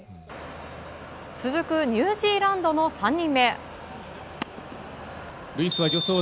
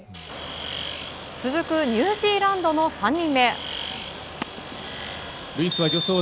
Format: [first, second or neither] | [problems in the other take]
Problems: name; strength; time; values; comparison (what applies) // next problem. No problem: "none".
first | background sound (Tools); 13 dB below the speech